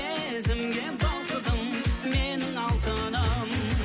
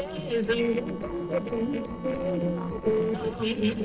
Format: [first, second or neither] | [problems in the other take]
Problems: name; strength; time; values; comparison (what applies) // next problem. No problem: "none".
first | noise reduction (neural separator model SepFormer DNS4)